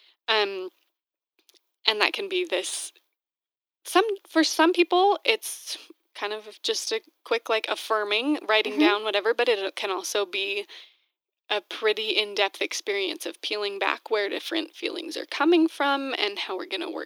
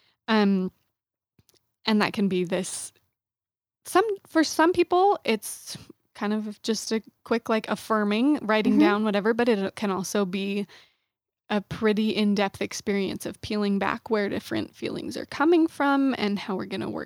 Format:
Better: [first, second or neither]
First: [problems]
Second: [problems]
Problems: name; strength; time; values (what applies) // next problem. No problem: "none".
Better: second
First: thin; somewhat; fading below 300 Hz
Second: none